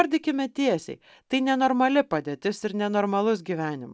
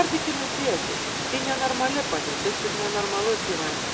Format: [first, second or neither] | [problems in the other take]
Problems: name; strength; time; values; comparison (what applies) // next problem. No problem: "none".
first | background sound (Water); as loud as the speech // room echo; dies away in 0.9 s